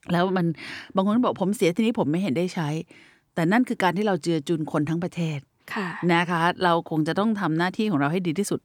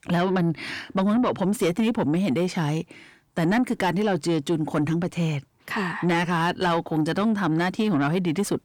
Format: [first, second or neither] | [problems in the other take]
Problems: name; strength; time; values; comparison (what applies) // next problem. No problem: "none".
first | distortion; slight; 10 dB below the speech